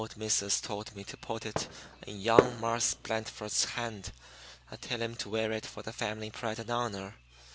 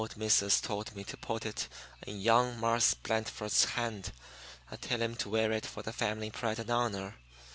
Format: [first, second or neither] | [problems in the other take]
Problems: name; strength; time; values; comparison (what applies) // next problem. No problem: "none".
second | background sound (Fireworks); as loud as the speech